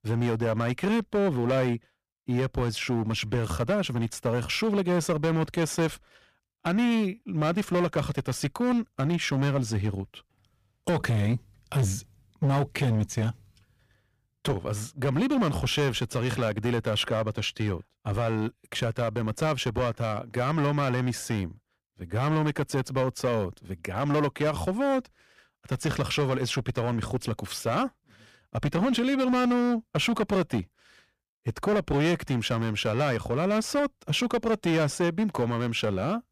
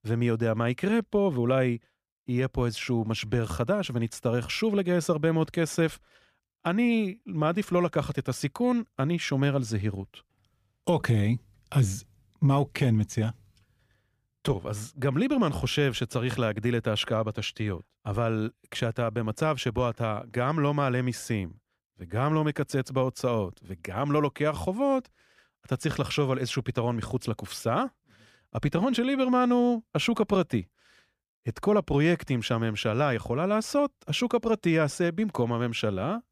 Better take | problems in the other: second | distortion; slight; 11% of the sound clipped

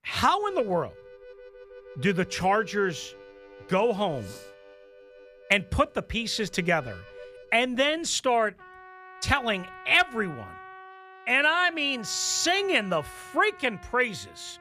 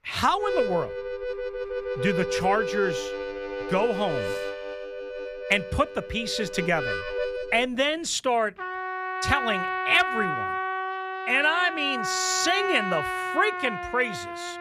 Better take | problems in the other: first | background music; loud; throughout; 5 dB below the speech; faint in the first

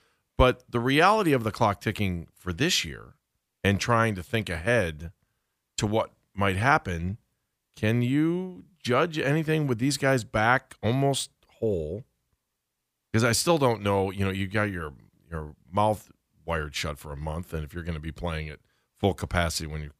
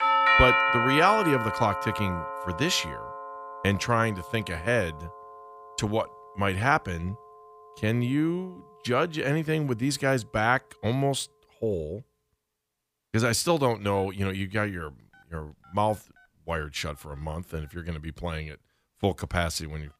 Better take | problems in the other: first | alarms or sirens; very loud; throughout; 1 dB above the speech

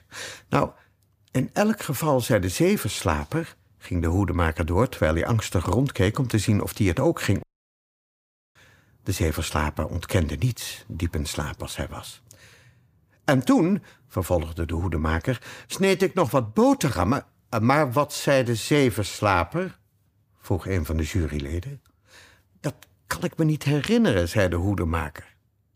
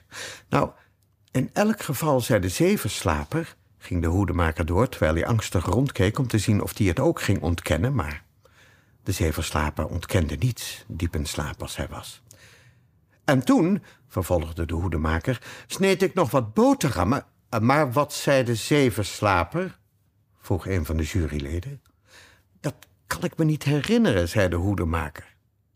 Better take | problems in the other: second | audio cutting out; at 7.5 s for 1 s

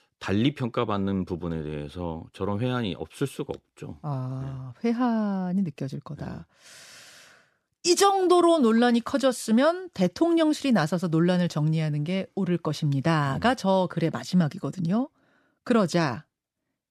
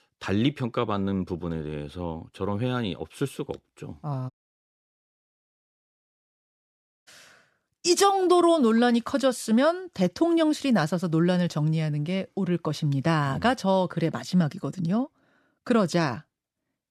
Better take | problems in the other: first | audio cutting out; at 4.5 s for 3 s

